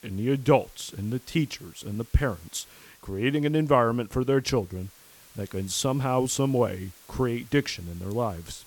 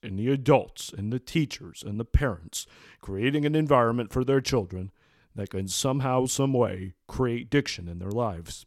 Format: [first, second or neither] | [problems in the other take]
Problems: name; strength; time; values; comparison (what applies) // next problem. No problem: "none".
second | hiss; faint; throughout; 25 dB below the speech